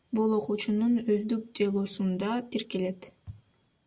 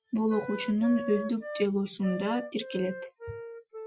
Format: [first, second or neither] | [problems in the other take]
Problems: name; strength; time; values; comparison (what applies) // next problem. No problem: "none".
first | noise reduction (classical method Wiener filter)